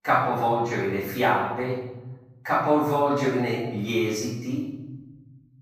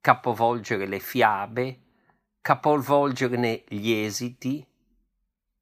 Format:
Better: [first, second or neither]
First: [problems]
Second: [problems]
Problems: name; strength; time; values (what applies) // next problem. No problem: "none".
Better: second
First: room echo; noticeable; dies away in 1.1 s // off-mic speech; far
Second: none